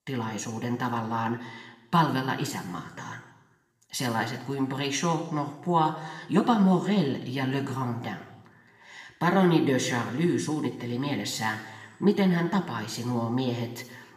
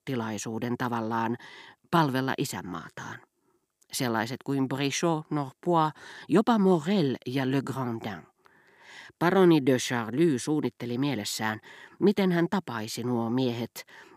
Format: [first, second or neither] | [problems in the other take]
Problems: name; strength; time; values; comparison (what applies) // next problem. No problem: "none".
second | room echo; slight; dies away in 0.9 s // off-mic speech; somewhat distant